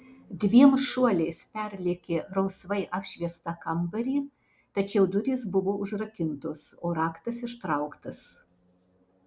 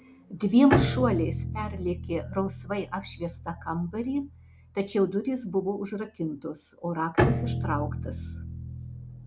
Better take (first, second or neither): first